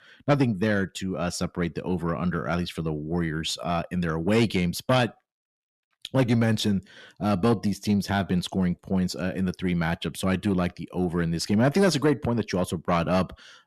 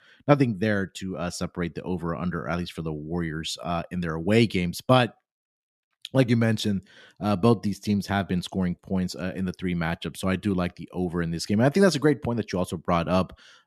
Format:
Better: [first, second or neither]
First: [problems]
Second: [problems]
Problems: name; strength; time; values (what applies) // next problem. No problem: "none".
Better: second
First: distortion; slight; 10 dB below the speech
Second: none